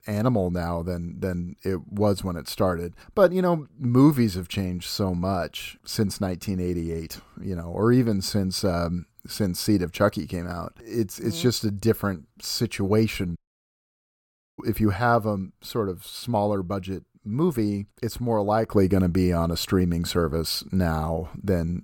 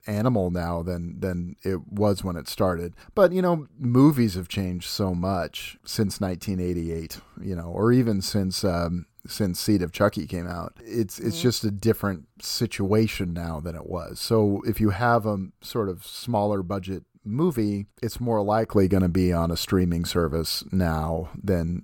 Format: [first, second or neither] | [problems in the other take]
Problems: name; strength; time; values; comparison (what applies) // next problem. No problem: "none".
second | audio cutting out; at 13 s for 1 s